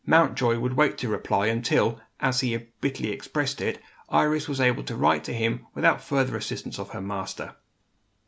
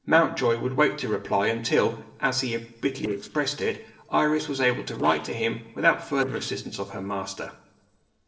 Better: first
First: none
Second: noise reduction (neural separator model SepFormer DNS4)

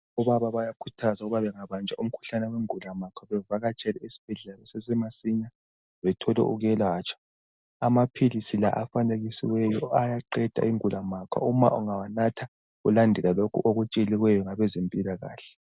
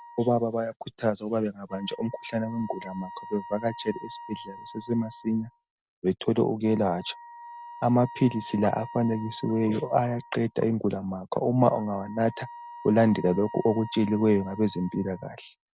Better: first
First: none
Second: background sound (Wind instrument, woodwind instrument); 17 dB below the speech

